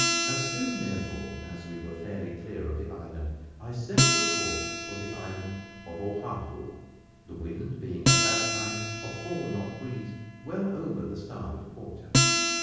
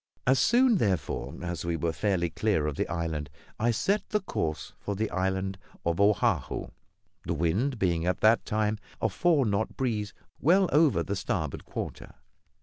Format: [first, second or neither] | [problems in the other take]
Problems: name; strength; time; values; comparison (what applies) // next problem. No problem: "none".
second | background sound (Acoustic guitar); 4 dB above the speech // room echo; dies away in 1.3 s